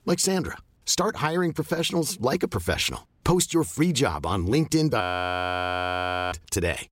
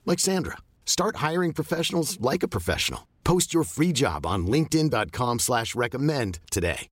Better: second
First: audio freezing; at 5 s for 1.5 s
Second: none

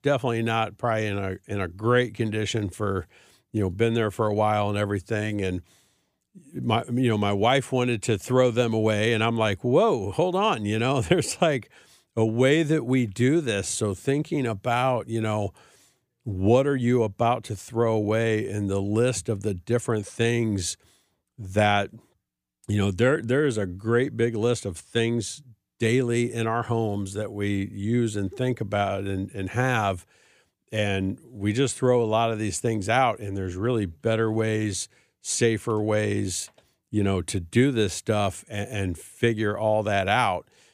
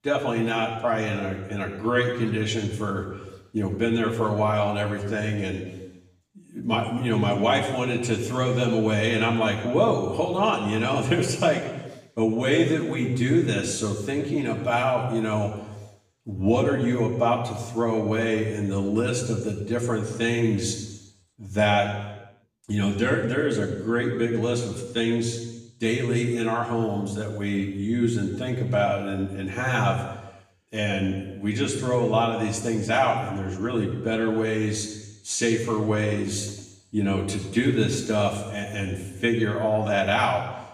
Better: first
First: none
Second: room echo; noticeable; dies away in 1 s // off-mic speech; far

